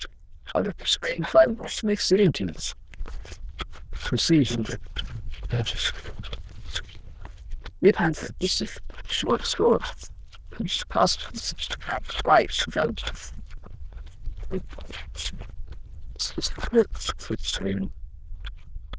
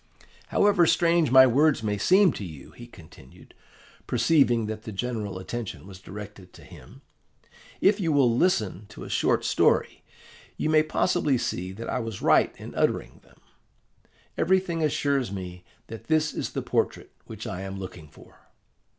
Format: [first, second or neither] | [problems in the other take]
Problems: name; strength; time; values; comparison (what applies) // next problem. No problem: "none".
second | noise reduction (neural diffusion model UNIVERSE++)